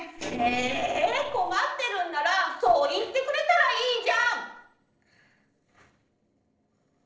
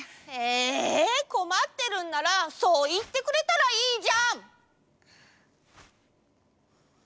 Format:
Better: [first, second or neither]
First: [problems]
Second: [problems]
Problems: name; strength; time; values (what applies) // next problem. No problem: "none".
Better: second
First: noise reduction (neural separator model SepFormer DNS4)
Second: none